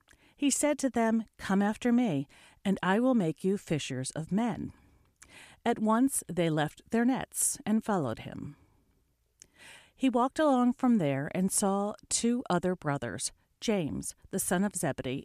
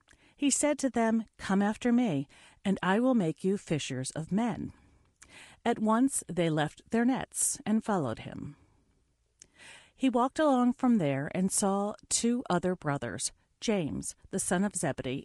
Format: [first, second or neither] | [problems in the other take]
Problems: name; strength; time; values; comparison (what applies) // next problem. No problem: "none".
first | garbled, watery; slightly; nothing above 10.5 kHz